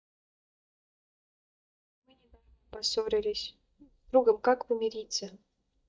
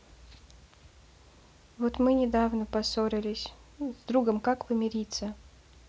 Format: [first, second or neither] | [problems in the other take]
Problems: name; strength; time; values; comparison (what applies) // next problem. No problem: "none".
second | noise reduction (neural mask model DeepFilterNet 3)